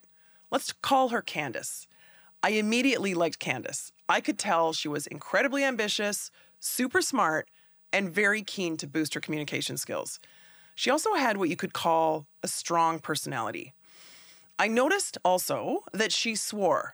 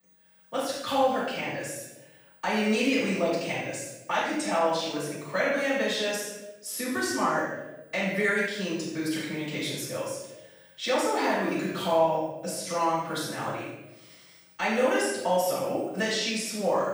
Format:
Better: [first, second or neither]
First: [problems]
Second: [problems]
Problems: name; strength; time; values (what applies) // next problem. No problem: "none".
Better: first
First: none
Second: off-mic speech; far // room echo; strong; dies away in 0.8 s